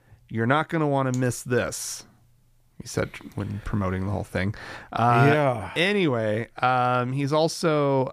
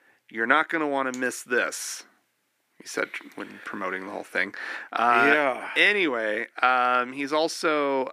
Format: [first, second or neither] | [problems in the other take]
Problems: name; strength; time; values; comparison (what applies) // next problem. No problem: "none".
first | thin; somewhat; fading below 300 Hz